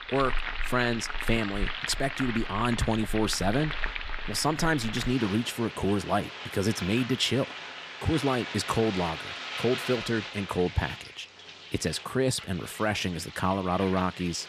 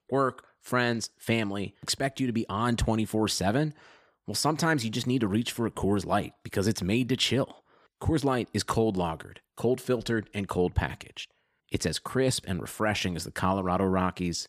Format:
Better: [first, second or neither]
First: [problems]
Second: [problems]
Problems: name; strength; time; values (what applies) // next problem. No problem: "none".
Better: second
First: household noises; loud; throughout; 8 dB below the speech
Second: none